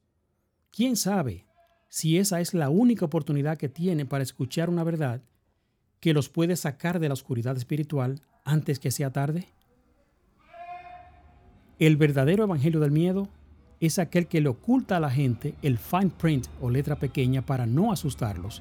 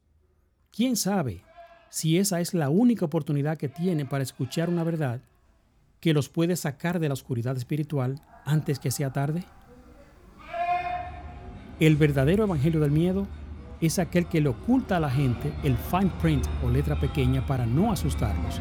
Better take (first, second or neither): first